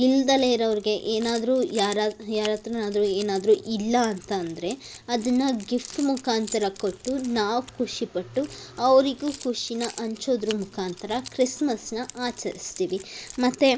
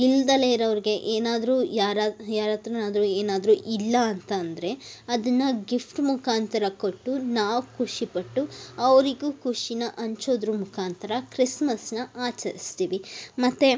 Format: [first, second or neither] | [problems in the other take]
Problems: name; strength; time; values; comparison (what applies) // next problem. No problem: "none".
second | background sound (Keys jangling); 19 dB below the speech